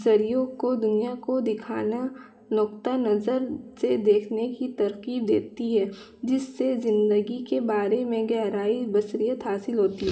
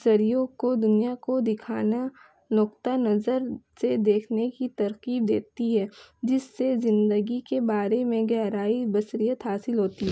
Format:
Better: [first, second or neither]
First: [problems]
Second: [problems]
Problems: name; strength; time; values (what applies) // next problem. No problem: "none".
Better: second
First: room echo; dies away in 2.7 s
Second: none